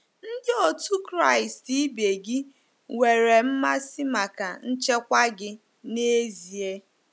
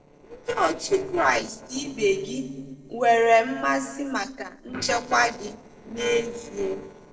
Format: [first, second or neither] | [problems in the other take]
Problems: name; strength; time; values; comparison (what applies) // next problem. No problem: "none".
first | noise reduction (neural separator model SepFormer DNS4)